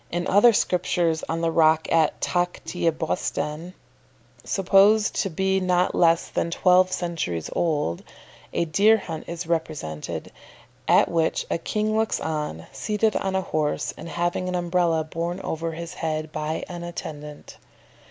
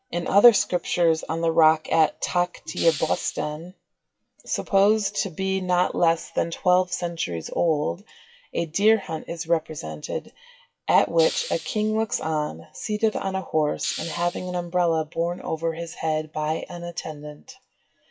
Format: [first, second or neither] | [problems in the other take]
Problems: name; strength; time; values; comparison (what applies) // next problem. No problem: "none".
first | noise reduction (classical method WPE with log-MMSE)